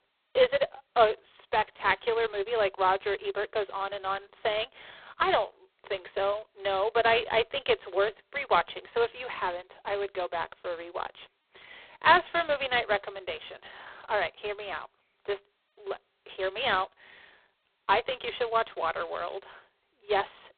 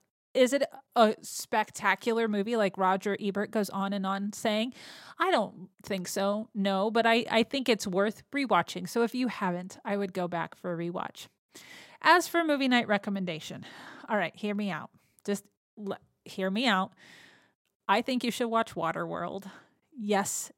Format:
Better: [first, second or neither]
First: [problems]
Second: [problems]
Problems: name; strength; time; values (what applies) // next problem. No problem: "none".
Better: second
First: phone-call audio; poor line; nothing above 4 kHz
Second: none